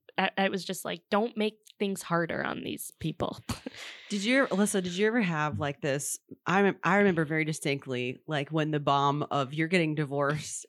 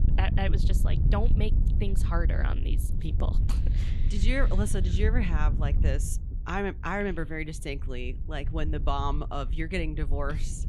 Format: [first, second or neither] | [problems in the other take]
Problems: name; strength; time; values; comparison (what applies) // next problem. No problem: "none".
first | wind noise on the microphone; occasional gusts; 10 dB below the speech